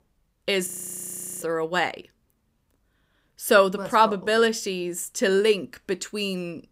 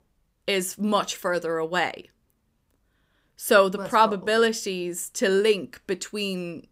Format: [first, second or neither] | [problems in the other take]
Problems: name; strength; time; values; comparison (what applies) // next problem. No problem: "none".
second | audio freezing; at 0.5 s for 0.5 s